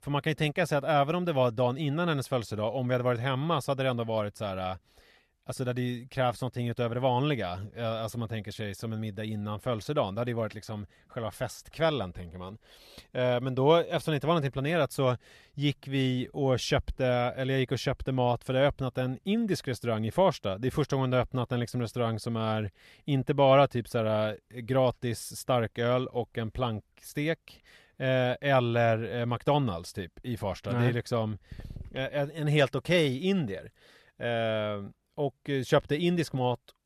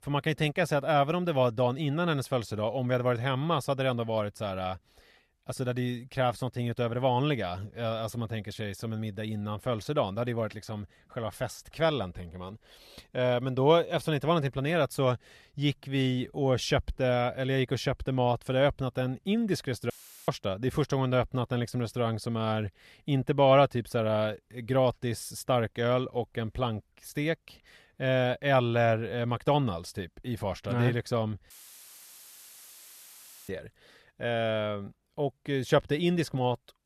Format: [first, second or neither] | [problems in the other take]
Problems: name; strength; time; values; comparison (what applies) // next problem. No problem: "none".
first | audio cutting out; filled with static; at 20 s and at 32 s for 2 s